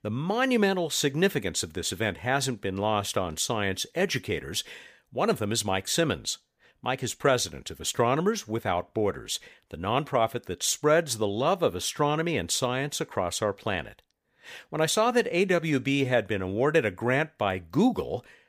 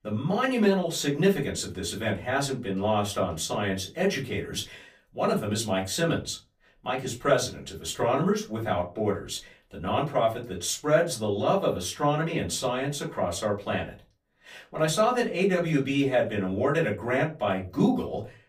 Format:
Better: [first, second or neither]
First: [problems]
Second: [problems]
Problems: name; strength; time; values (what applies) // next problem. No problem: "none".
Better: first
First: none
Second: off-mic speech; far // room echo; very slight; dies away in 0.2 s